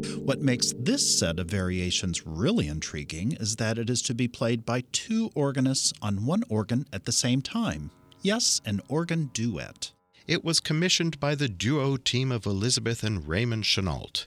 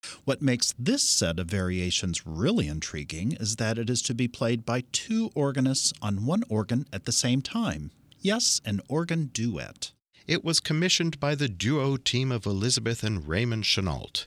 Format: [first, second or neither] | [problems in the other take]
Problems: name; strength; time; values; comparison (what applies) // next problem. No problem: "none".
second | background music; noticeable; throughout; 15 dB below the speech